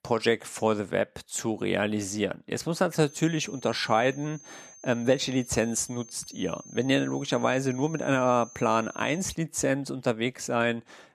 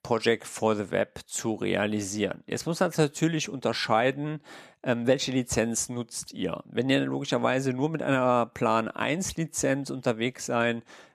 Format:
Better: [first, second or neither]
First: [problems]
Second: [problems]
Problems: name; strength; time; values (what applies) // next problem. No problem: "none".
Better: second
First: high-pitched whine; noticeable; from 3 to 9.5 s; 6.5 kHz, 20 dB below the speech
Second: none